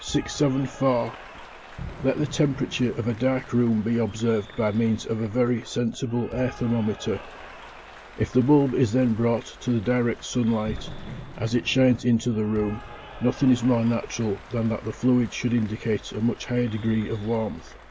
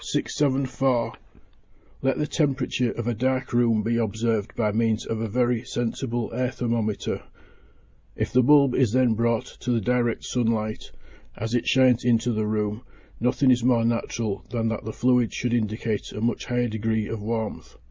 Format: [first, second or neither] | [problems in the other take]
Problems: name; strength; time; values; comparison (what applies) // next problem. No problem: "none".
second | background sound (Applause / Cheering + Fireworks); 18 dB below the speech